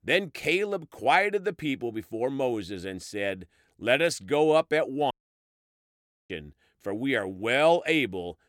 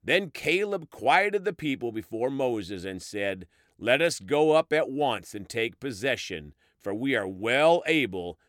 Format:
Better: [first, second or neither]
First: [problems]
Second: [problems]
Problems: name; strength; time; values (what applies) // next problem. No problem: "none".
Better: second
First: audio cutting out; at 5 s for 1 s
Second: none